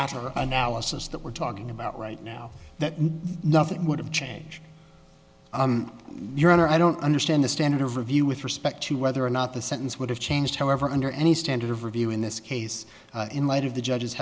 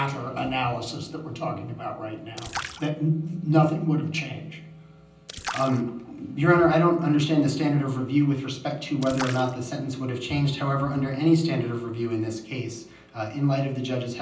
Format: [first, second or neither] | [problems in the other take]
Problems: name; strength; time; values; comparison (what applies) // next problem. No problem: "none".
first | background sound (Splash, splatter); 15 dB below the speech // room echo; dies away in 0.6 s